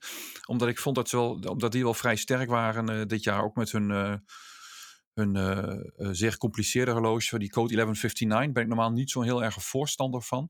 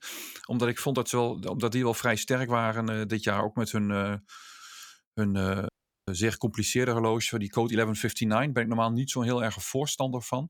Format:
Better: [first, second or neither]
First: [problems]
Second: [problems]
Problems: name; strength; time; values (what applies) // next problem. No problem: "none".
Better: first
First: none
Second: audio cutting out; at 5.5 s